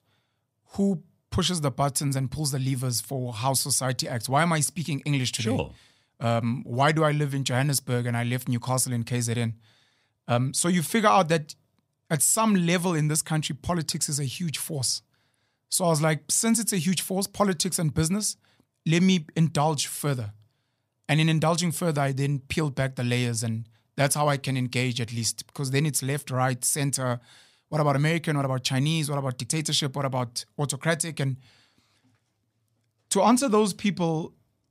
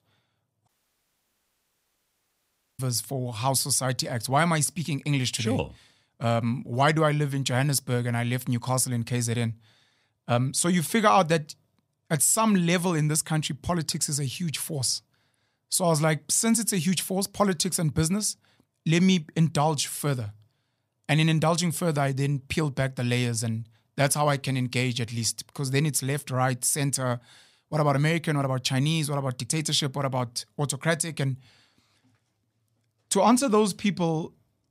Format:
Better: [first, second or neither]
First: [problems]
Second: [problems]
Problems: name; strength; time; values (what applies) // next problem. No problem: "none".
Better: first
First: none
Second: audio cutting out; at 0.5 s for 2 s